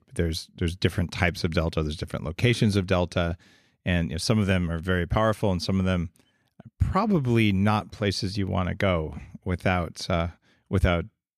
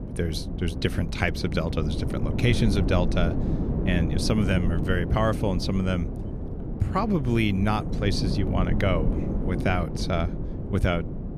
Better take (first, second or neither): first